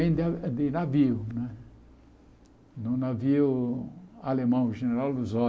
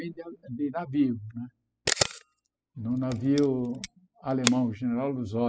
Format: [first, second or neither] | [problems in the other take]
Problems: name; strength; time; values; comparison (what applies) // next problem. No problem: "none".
first | noise reduction (classical method spectral subtraction)